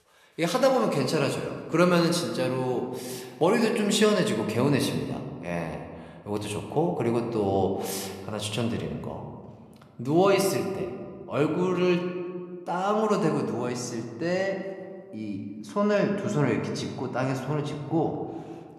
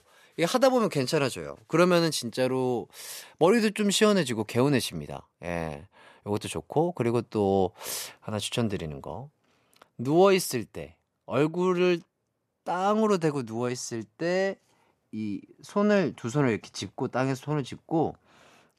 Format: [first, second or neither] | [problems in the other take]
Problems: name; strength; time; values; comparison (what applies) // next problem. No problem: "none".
second | room echo; slight; dies away in 1.4 s